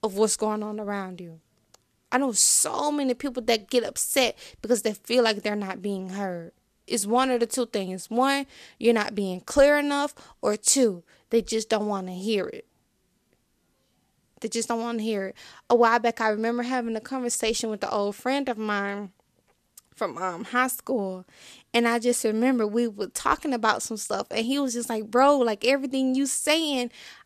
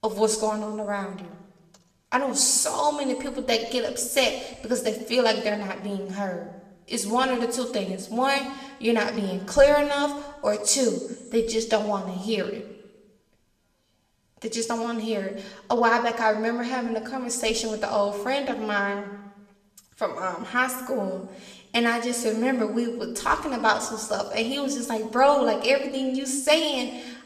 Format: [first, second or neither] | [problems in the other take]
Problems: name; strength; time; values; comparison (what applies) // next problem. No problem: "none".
first | room echo; slight; dies away in 0.9 s // off-mic speech; somewhat distant